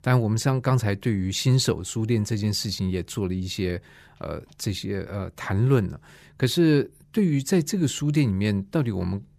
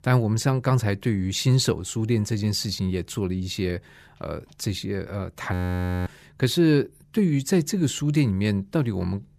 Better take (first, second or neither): first